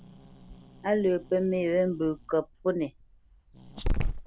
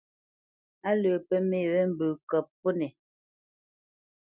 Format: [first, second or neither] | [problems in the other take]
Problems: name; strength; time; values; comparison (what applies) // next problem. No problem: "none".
second | background sound (Growling); 5 dB below the speech